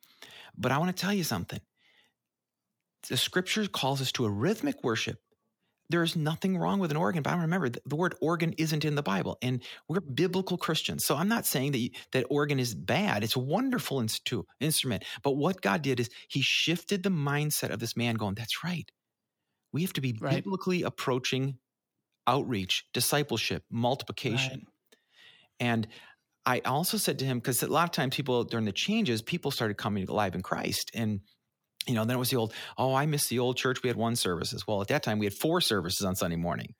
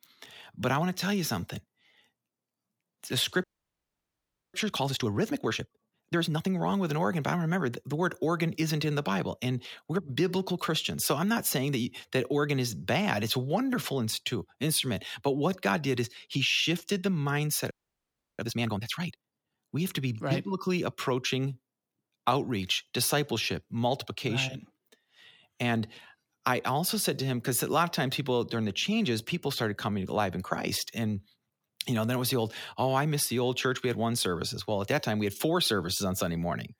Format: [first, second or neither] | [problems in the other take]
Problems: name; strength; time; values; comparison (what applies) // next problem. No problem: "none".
first | audio freezing; at 3.5 s for 1 s and at 18 s for 0.5 s